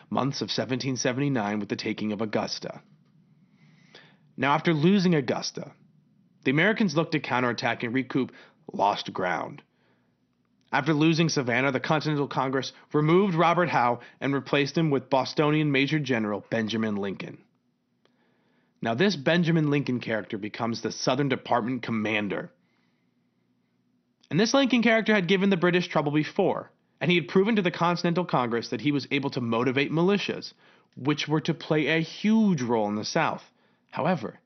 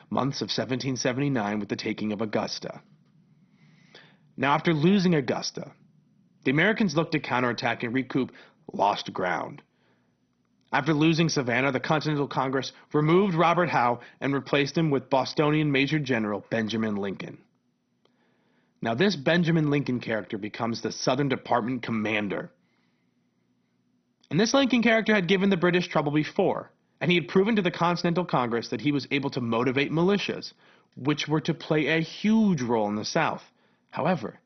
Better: first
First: garbled, watery; slightly; nothing above 6 kHz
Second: garbled, watery; badly; nothing above 6 kHz

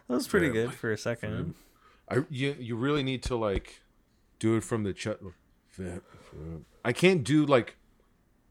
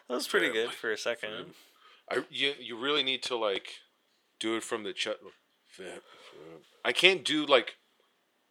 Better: first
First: none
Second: thin; somewhat; fading below 500 Hz

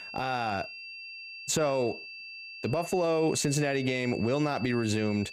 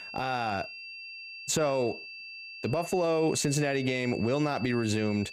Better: neither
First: high-pitched whine; noticeable; throughout; 2.5 kHz, 10 dB below the speech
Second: high-pitched whine; noticeable; throughout; 2.5 kHz, 10 dB below the speech

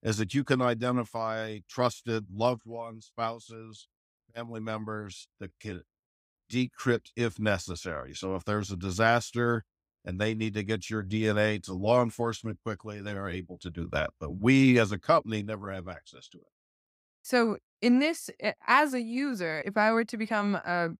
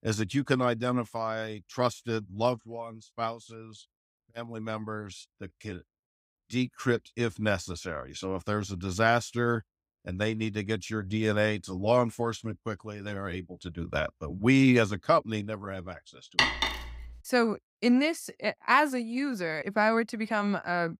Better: first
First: none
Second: clattering dishes; loud; at 16 s; peak 4 dB above the speech

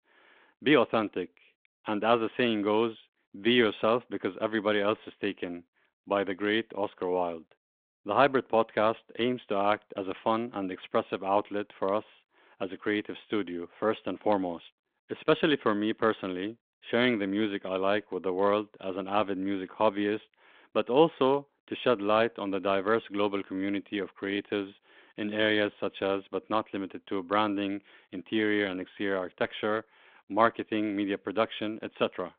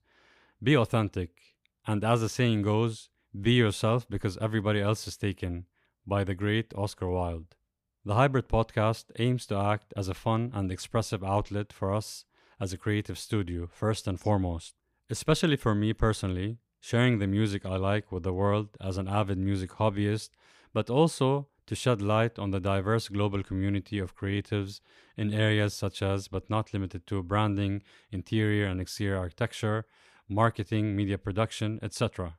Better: second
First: phone-call audio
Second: none

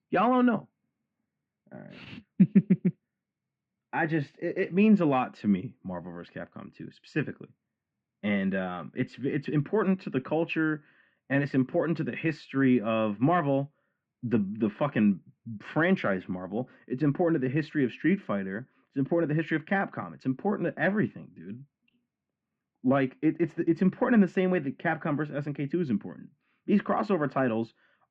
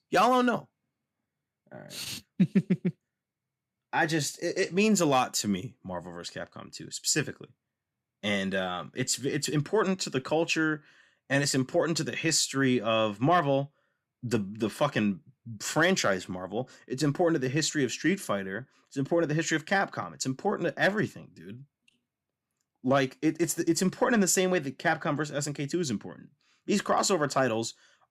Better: second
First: muffled; very; fading above 2.5 kHz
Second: none

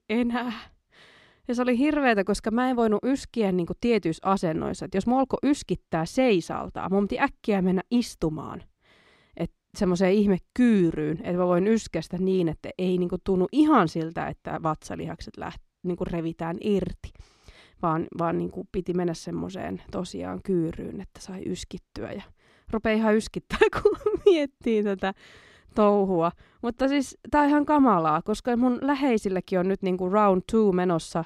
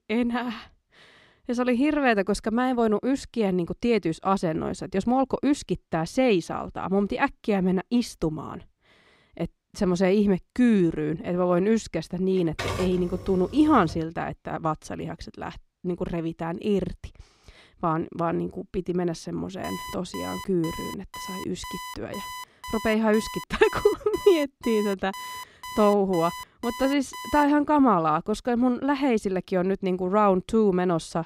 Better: first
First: none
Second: keyboard typing; noticeable; from 12 to 14 s; peak 5 dB below the speech // alarm; faint; from 20 to 27 s; peak 10 dB below the speech

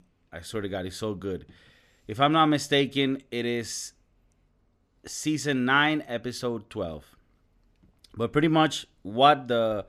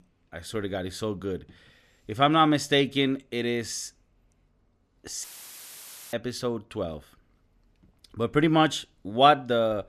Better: first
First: none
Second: audio cutting out; filled with static; at 5 s for 1 s

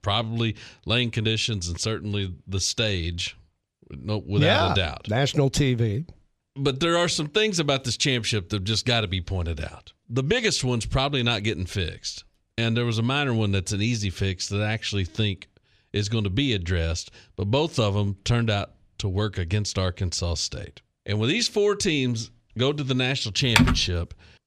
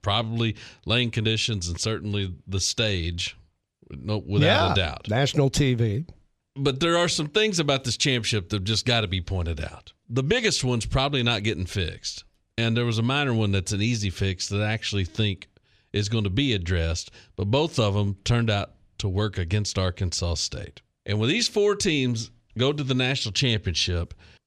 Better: second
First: keyboard typing; loud; at 24 s; peak 5 dB above the speech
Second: none

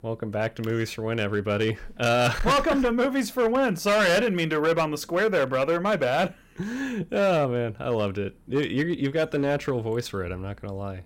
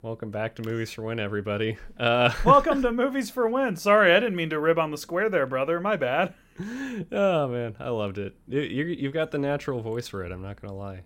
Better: second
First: distortion; heavy; 9% of the sound clipped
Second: none

